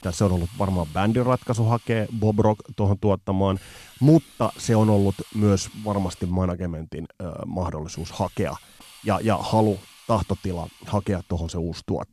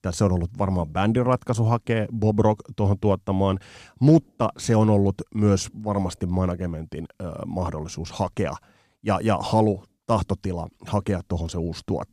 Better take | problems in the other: second | hiss; faint; until 6.5 s and from 8 s on; 20 dB below the speech

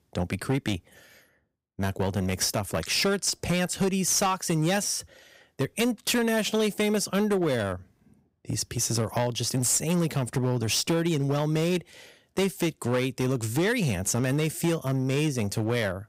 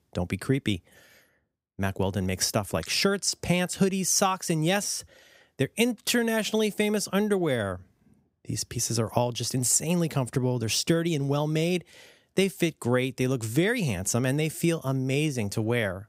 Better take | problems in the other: second | distortion; slight; 9% of the sound clipped

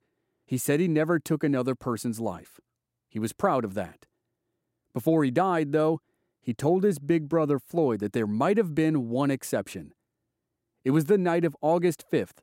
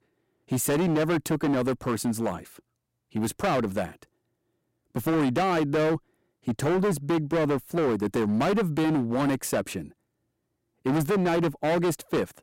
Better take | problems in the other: first | distortion; heavy; 19% of the sound clipped

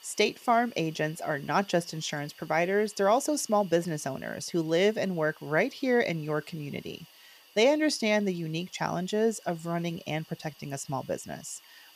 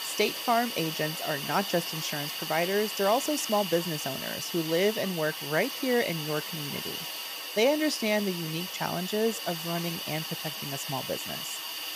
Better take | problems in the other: first | hiss; loud; throughout; 4 dB below the speech; faint in the first

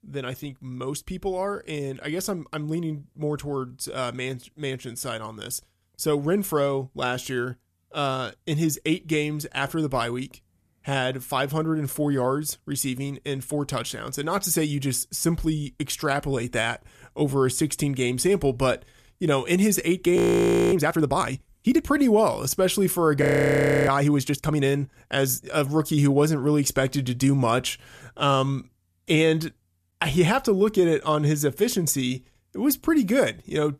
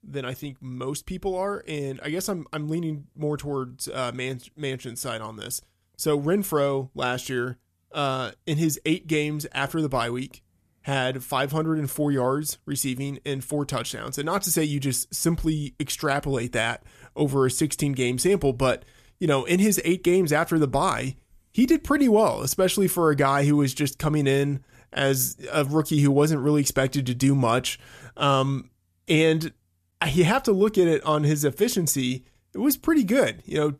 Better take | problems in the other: second | audio freezing; at 20 s for 0.5 s and at 23 s for 0.5 s

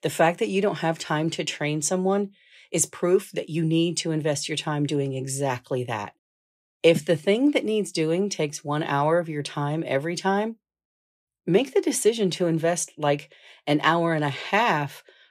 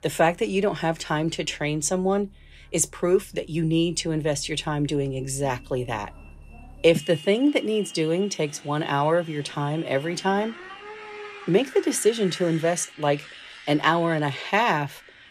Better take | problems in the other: first | traffic noise; noticeable; throughout; 20 dB below the speech

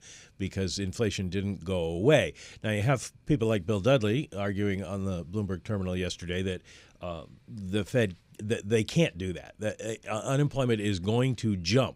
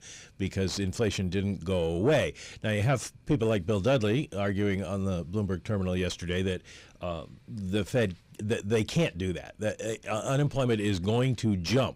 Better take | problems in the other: first | distortion; slight; 10 dB below the speech

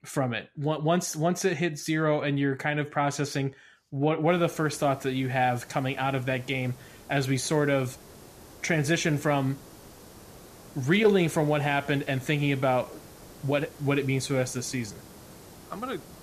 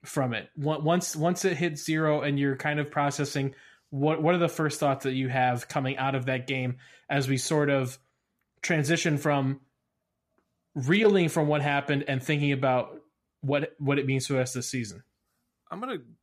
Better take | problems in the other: second | hiss; faint; from 4.5 s on; 20 dB below the speech

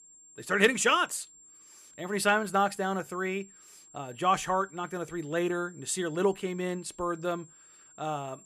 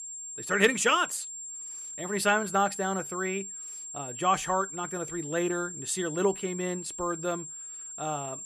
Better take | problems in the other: first | high-pitched whine; loud; throughout; 7.5 kHz, 9 dB below the speech; faint in the first

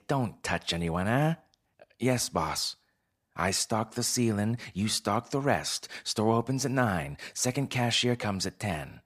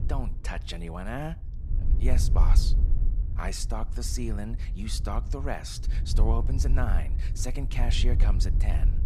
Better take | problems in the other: first | wind noise on the microphone; occasional gusts; 10 dB below the speech

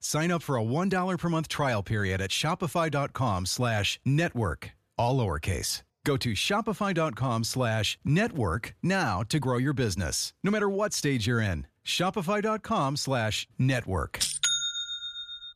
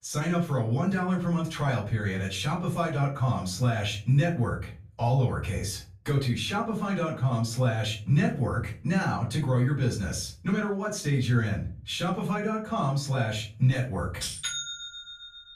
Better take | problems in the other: first | room echo; slight; dies away in 0.4 s // off-mic speech; far

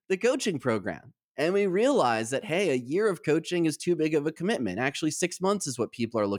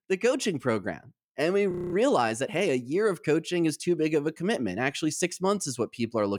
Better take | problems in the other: first | audio freezing; at 1.5 s

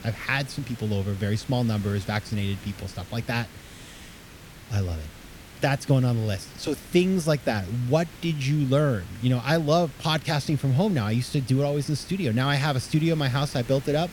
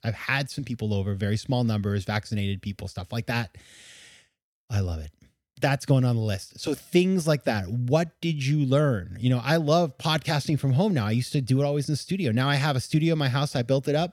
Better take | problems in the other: second | hiss; noticeable; throughout; 20 dB below the speech

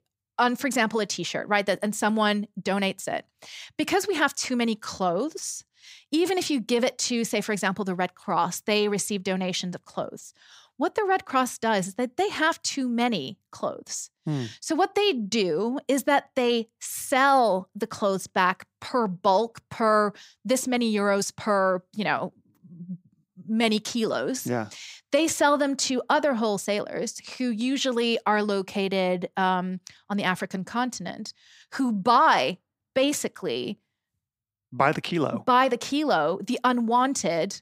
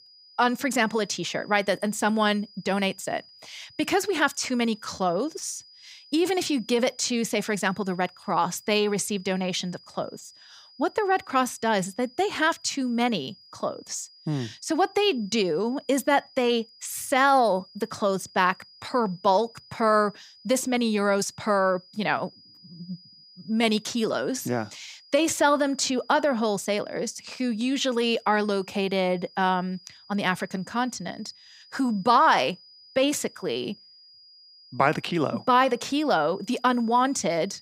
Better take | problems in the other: first | high-pitched whine; faint; throughout; 5 kHz, 25 dB below the speech

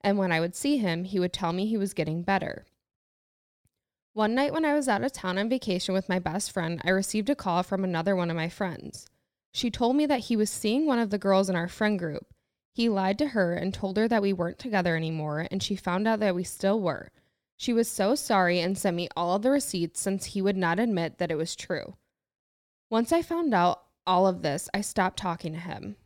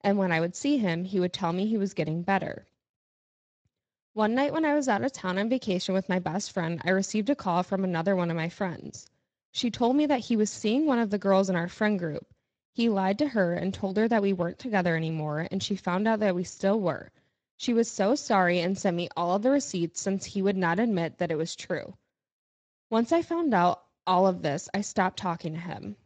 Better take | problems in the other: first | garbled, watery; slightly; nothing above 7.5 kHz

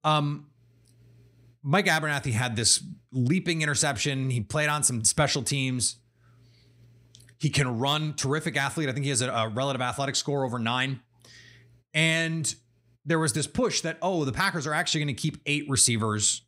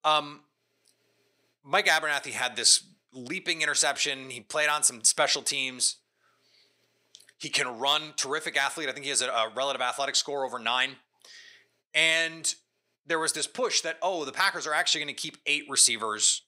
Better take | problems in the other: first | thin; very; fading below 550 Hz

